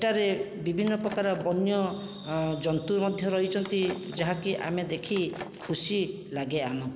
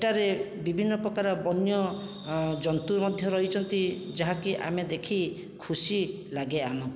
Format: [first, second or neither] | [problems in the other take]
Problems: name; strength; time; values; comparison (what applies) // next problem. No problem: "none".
second | background sound (Shatter); 17 dB below the speech